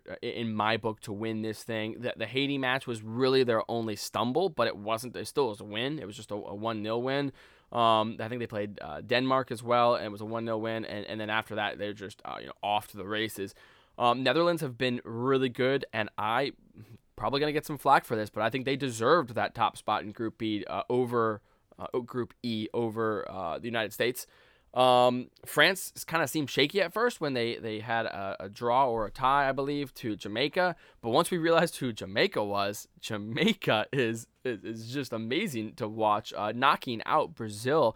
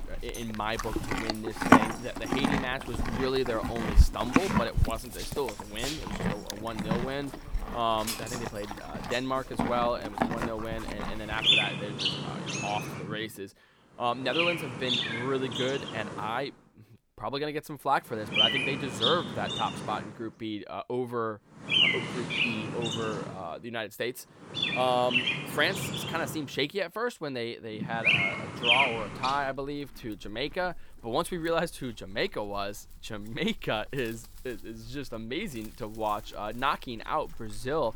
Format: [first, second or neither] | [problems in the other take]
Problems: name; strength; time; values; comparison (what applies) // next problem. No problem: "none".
first | animal sounds; very loud; throughout; 4 dB above the speech